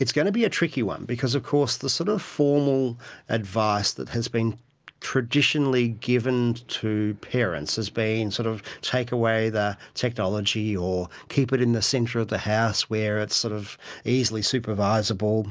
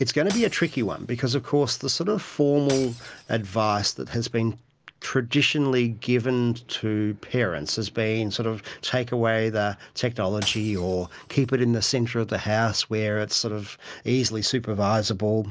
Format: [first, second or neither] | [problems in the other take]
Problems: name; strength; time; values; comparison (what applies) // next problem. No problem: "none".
first | background sound (Shatter / Crushing); 19 dB below the speech